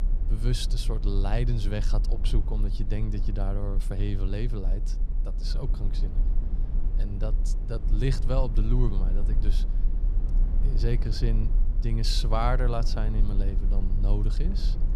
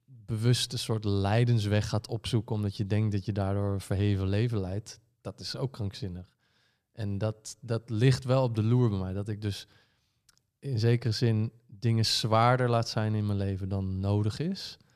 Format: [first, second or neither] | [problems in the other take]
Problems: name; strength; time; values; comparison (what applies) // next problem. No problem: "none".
second | low rumble; noticeable; throughout; 10 dB below the speech